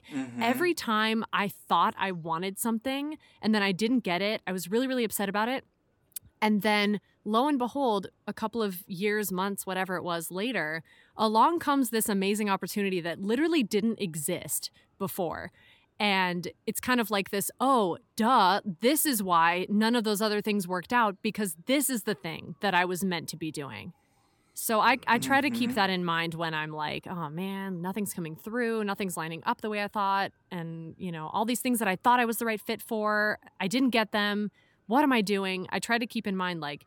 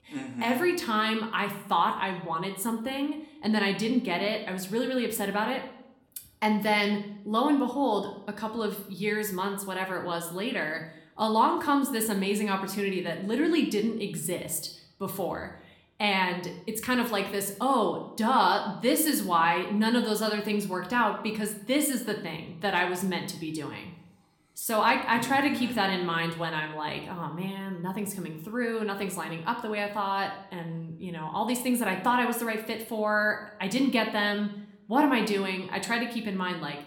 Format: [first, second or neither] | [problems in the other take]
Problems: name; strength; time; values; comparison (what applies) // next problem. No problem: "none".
first | room echo; slight; dies away in 0.5 s